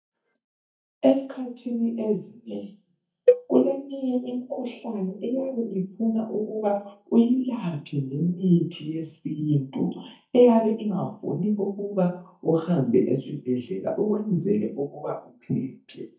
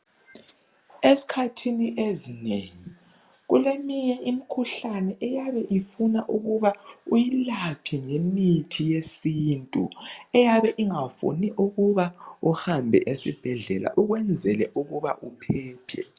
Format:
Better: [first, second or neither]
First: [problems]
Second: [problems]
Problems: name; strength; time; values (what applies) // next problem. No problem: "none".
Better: second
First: noise reduction (neural mask model DeepFilterNet 3)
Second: none